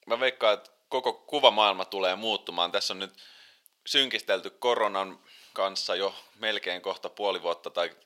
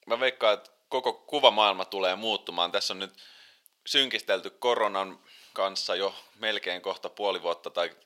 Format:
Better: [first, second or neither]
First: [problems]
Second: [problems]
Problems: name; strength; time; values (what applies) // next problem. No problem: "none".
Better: neither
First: thin; very; fading below 650 Hz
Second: thin; very; fading below 650 Hz